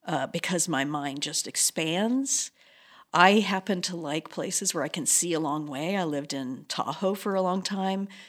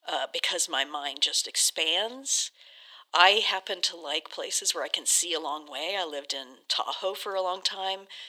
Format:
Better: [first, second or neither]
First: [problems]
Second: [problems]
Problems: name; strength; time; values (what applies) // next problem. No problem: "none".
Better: first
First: none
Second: thin; very; fading below 450 Hz